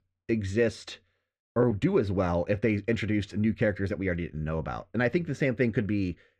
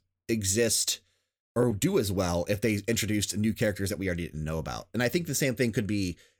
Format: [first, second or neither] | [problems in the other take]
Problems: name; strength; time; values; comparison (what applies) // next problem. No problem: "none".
second | muffled; very; fading above 2 kHz